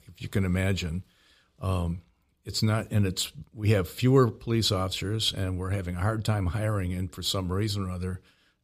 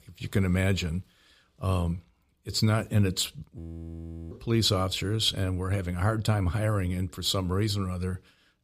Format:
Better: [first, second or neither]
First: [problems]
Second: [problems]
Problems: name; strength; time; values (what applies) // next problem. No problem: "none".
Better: first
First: none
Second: audio freezing; at 3.5 s for 0.5 s